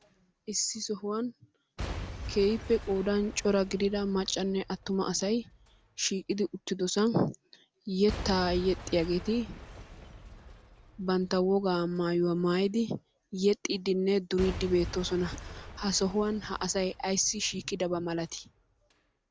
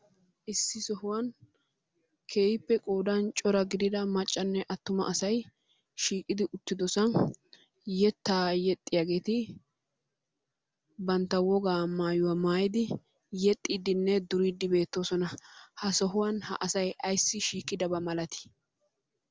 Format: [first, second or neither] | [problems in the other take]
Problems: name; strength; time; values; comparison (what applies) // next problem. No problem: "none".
second | background sound (Shatter / Crushing / Boom); 14 dB below the speech